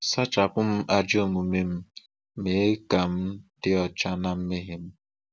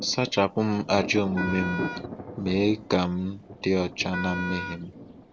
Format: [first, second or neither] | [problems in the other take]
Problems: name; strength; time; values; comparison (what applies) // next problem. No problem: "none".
first | background sound (Wind instrument, woodwind instrument + Thunder); 9 dB below the speech